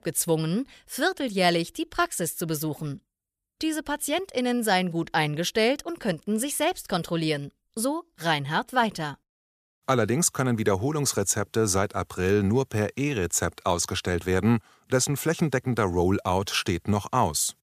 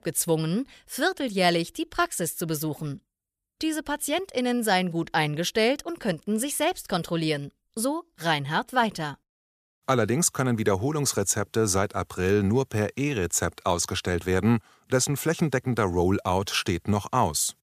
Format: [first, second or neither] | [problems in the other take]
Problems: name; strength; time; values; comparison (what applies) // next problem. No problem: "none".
neither | none